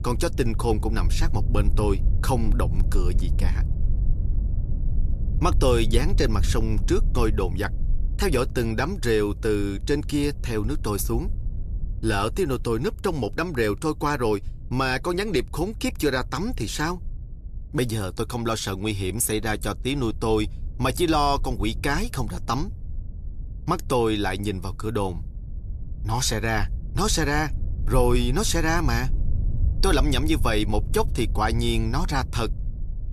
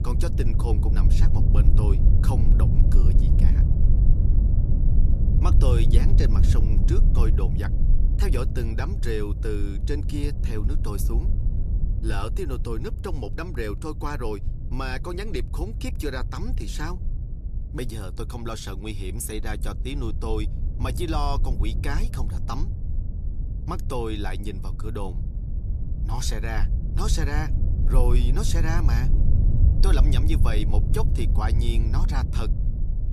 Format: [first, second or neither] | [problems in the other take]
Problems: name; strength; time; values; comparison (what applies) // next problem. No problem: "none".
first | low rumble; loud; throughout; 7 dB below the speech; faint in the first